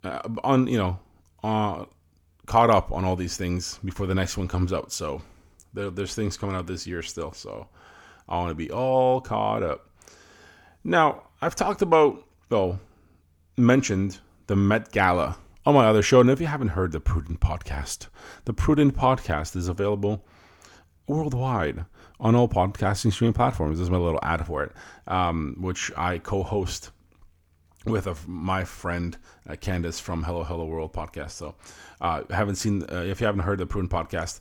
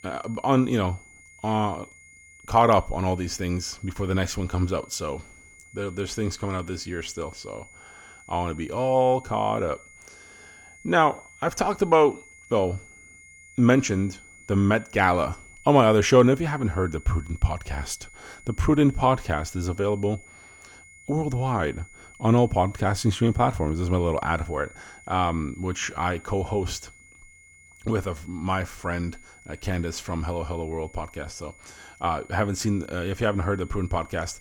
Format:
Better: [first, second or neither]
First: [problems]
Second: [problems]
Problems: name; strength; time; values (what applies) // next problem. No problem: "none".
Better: first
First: none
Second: high-pitched whine; faint; throughout; 2 kHz, 25 dB below the speech